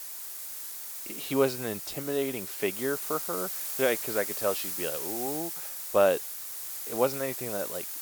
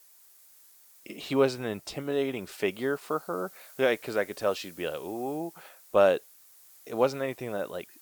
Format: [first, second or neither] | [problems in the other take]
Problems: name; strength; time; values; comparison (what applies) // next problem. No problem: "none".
second | hiss; loud; throughout; 3 dB below the speech; faint in the second